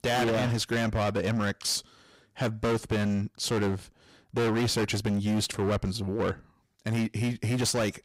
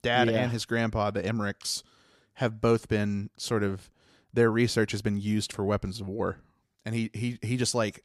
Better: second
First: distortion; heavy; 20% of the sound clipped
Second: none

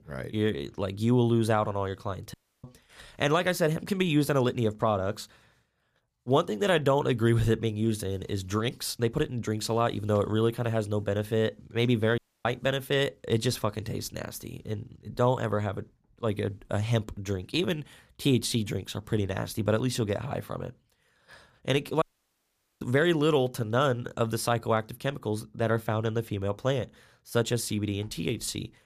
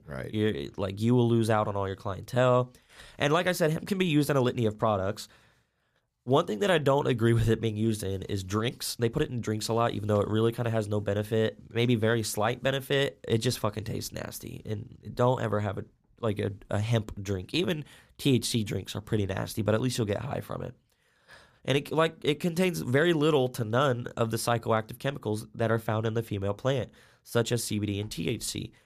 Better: second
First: audio cutting out; at 2.5 s, at 12 s and at 22 s for 1 s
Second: none

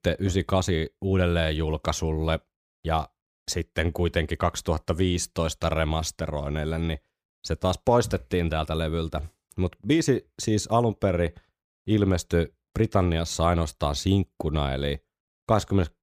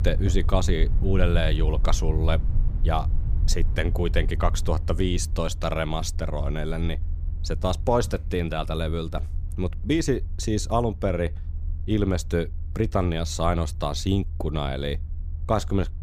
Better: first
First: none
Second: low rumble; noticeable; throughout; 20 dB below the speech

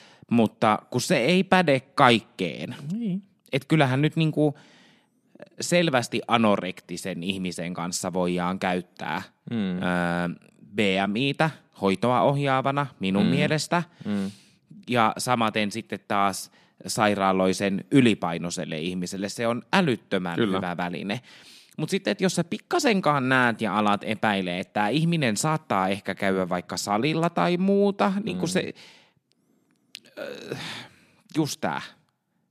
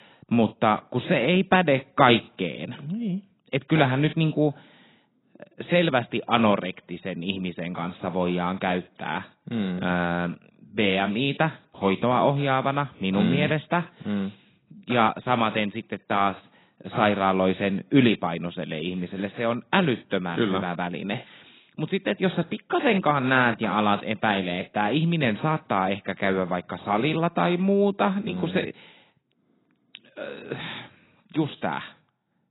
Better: first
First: none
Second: garbled, watery; badly; nothing above 4 kHz

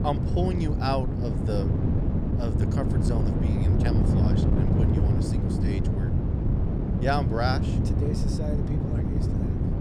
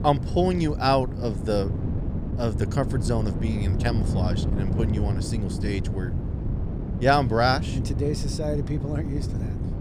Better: second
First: wind noise on the microphone; heavy; 1 dB below the speech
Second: wind noise on the microphone; occasional gusts; 10 dB below the speech

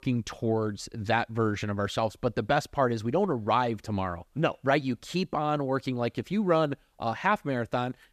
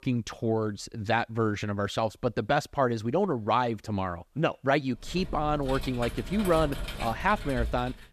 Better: first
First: none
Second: keyboard typing; noticeable; from 5 s on; peak 7 dB below the speech

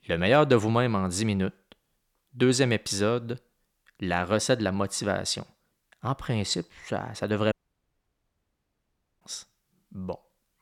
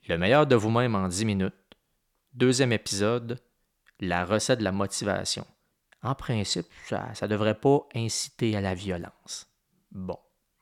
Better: second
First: audio cutting out; at 7.5 s for 1.5 s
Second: none

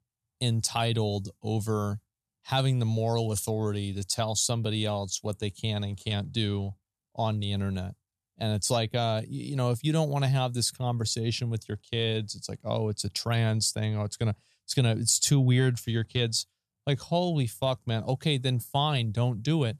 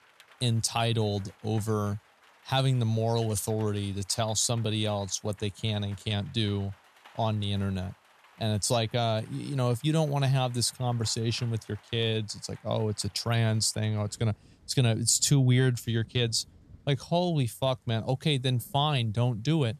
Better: first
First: none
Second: rain or running water; faint; throughout; 30 dB below the speech

